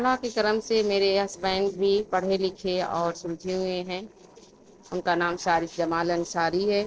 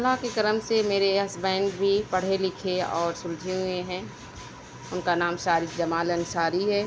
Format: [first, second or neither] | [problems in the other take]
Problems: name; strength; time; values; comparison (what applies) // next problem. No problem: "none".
second | noise reduction (neural separator model SepFormer DNS4)